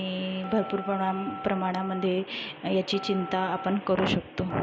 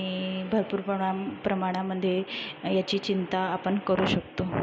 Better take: second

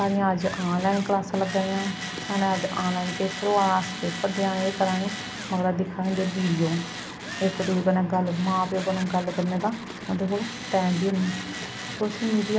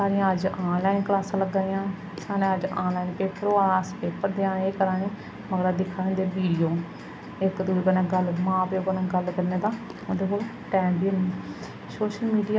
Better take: second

